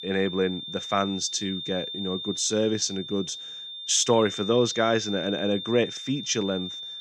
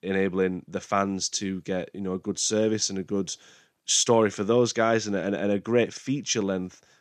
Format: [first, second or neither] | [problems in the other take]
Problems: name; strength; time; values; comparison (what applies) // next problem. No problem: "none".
second | high-pitched whine; loud; throughout; 3.5 kHz, 8 dB below the speech